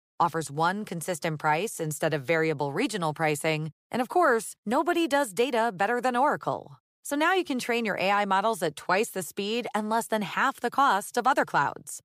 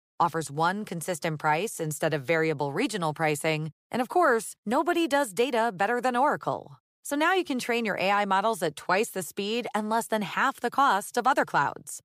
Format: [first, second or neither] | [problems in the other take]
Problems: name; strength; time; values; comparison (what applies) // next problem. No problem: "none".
neither | none